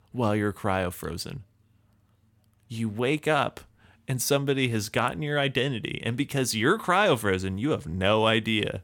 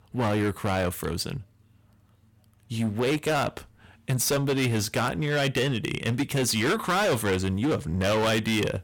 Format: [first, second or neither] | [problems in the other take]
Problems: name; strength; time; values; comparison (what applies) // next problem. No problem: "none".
first | distortion; heavy; 15% of the sound clipped